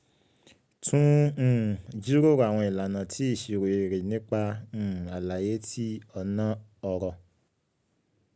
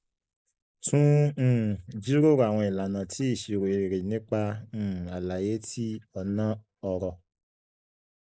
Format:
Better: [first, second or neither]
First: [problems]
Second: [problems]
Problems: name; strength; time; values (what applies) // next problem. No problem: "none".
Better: first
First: none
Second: noise reduction (neural mask model Resemble Enhance denoiser)